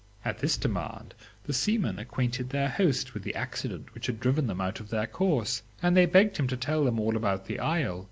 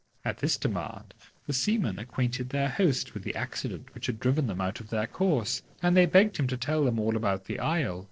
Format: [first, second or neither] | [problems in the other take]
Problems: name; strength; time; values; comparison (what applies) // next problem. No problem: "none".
first | noise reduction (neural separator model SepFormer DNS4)